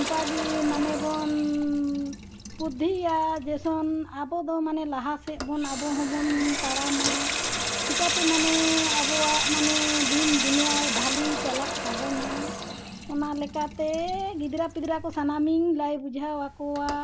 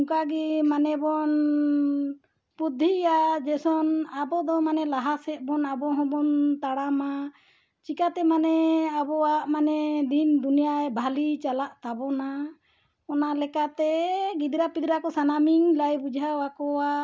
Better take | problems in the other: second | background sound (Sink (filling or washing) / Water tap, faucet); 2 dB below the speech

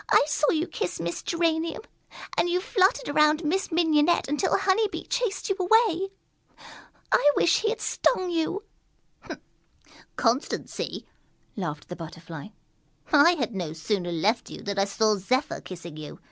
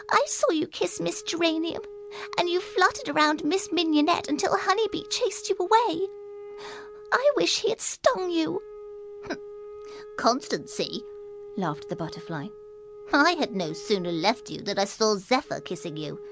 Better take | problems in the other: first | background sound (Wind instrument, woodwind instrument); 16 dB below the speech

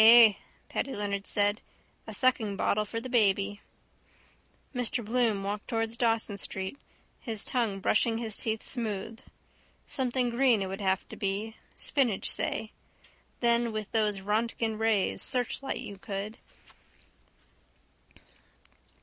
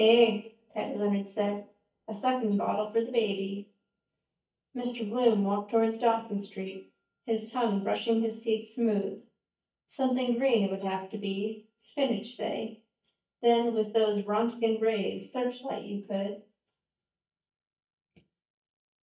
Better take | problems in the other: first | noise reduction (neural mask model DeepFilterNet 3)

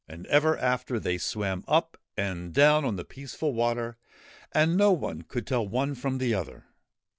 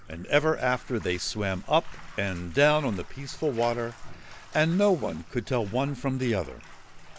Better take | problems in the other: first | background sound (Bathtub (filling or washing)); 14 dB below the speech

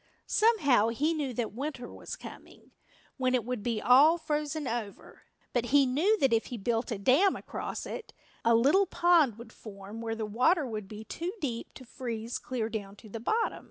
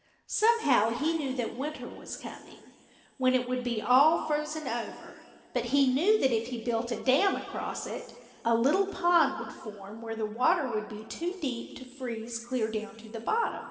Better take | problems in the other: first | room echo; dies away in 2.1 s

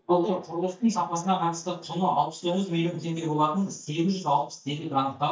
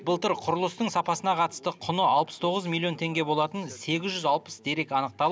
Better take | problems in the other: second | noise reduction (neural mask model DeepFilterNet 3)

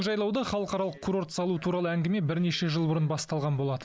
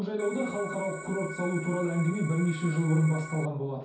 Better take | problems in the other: first | background sound (Organ); 12 dB below the speech // room echo; dies away in 0.6 s

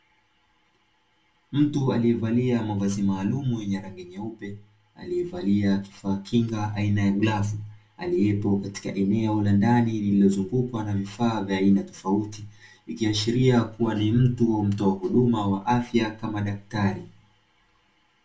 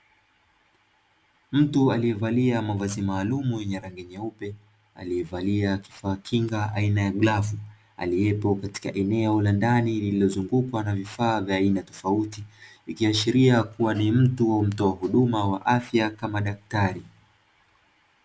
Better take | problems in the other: second | room echo; dies away in 0.2 s

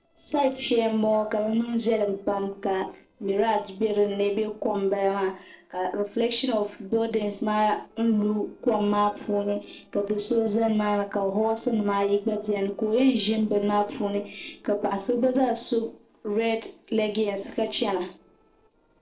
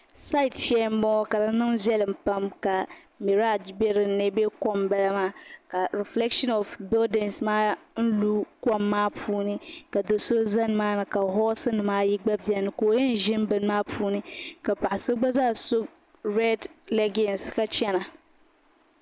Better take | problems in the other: second | noise reduction (neural separator model SepFormer DNS4)

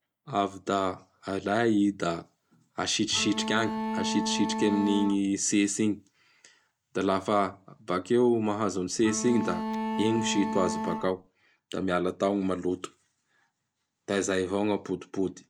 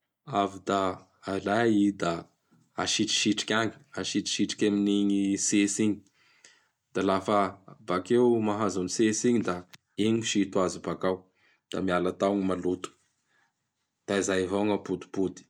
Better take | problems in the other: second | background sound (Bowed string instrument); 4 dB below the speech

